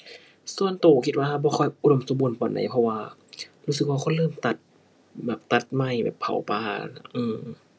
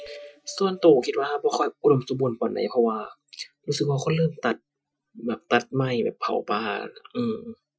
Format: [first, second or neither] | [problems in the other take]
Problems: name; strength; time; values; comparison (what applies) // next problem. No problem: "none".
first | noise reduction (classical method Wiener filter)